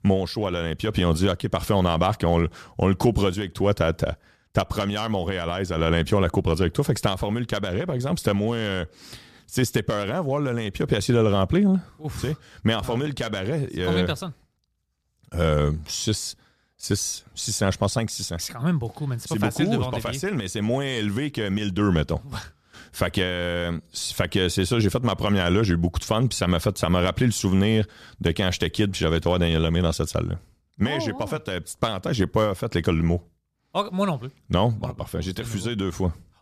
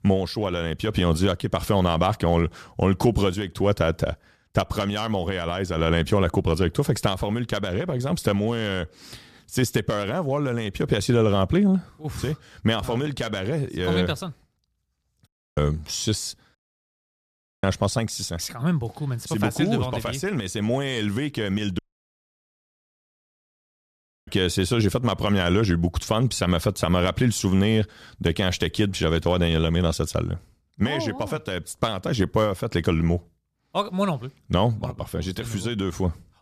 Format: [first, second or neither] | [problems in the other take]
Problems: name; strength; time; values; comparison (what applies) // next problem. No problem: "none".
first | audio cutting out; at 15 s, at 17 s for 1 s and at 22 s for 2.5 s